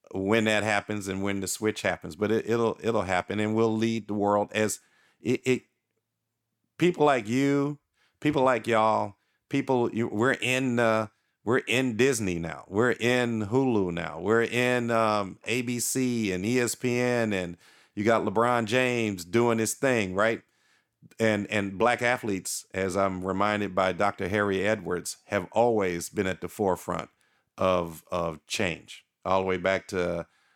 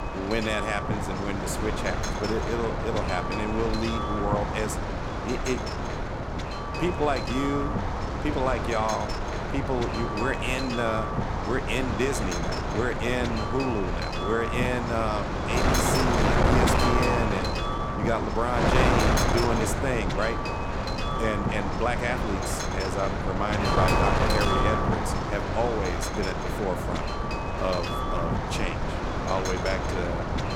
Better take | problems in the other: first | wind noise on the microphone; heavy; 2 dB above the speech

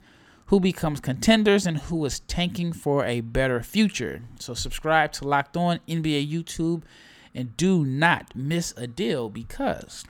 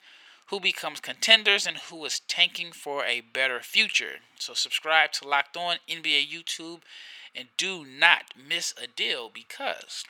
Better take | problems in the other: first | thin; very; fading below 650 Hz

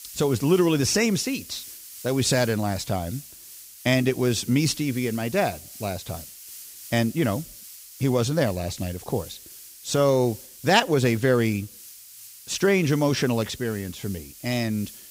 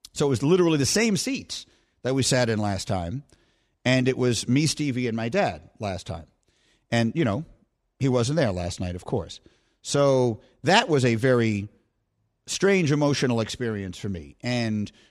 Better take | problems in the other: second | hiss; noticeable; throughout; 15 dB below the speech

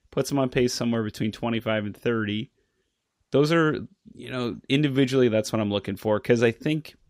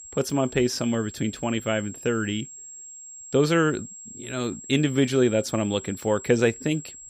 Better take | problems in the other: first | high-pitched whine; noticeable; throughout; 7.5 kHz, 15 dB below the speech

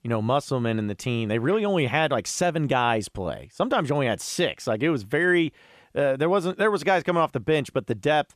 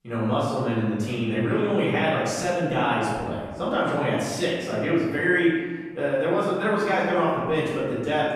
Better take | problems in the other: first | room echo; strong; dies away in 1.3 s // off-mic speech; far

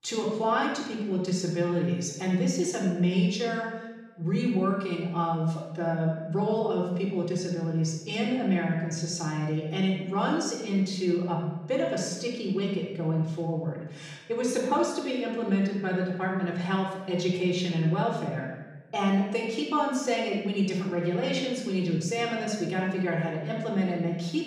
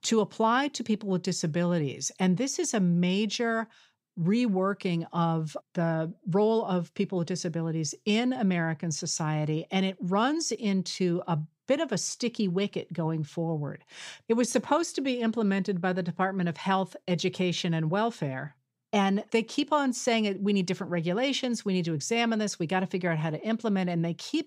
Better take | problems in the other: second | off-mic speech; far // room echo; noticeable; dies away in 1 s

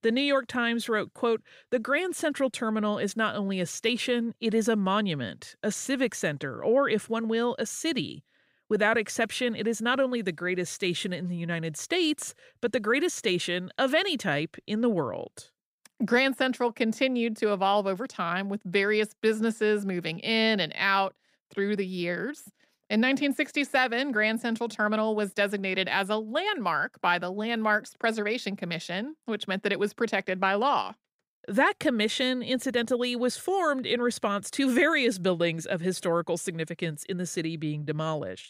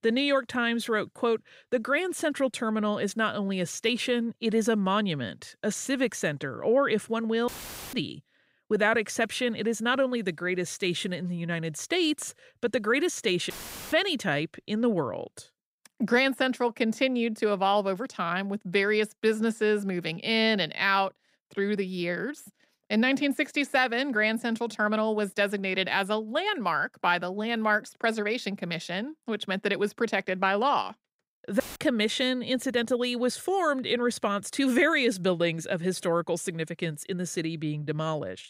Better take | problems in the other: first | audio cutting out; filled with static; at 7.5 s, at 14 s and at 32 s

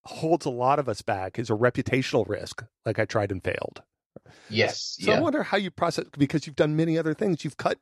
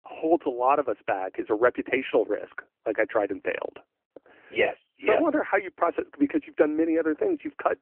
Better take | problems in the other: first | phone-call audio

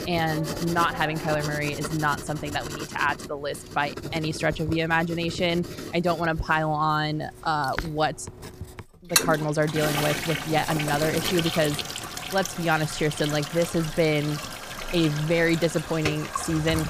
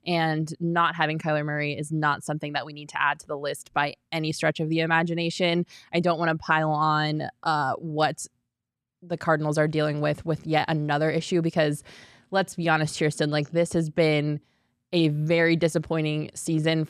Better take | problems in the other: second | household noises; loud; throughout; 6 dB below the speech

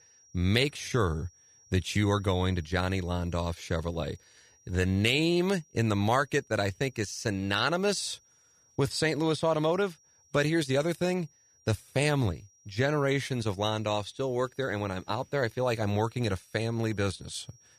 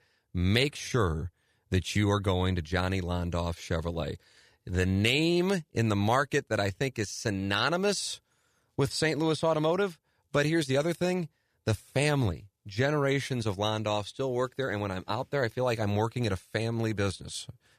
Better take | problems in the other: second | high-pitched whine; faint; throughout; 5.5 kHz, 30 dB below the speech

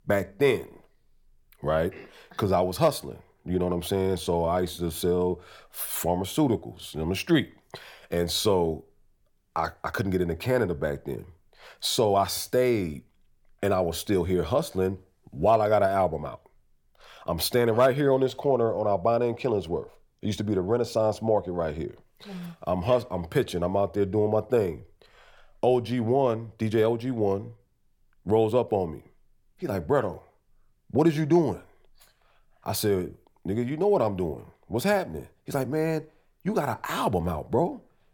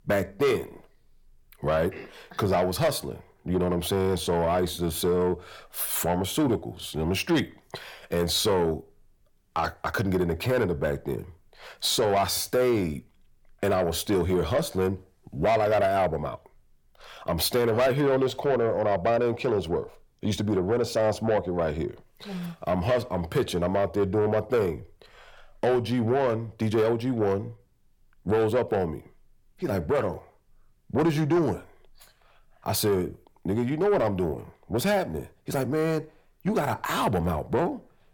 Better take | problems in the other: first | distortion; slight; 10 dB below the speech

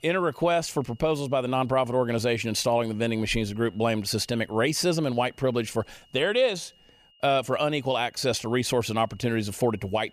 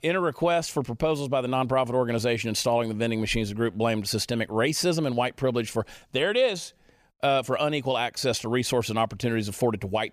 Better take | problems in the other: second | high-pitched whine; faint; throughout; 3 kHz, 30 dB below the speech

